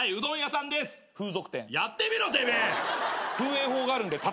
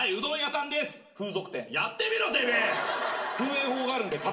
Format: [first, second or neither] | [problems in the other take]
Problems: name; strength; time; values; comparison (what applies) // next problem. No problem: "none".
first | room echo; dies away in 0.7 s